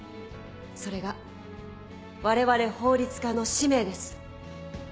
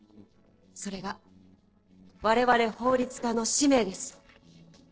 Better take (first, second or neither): first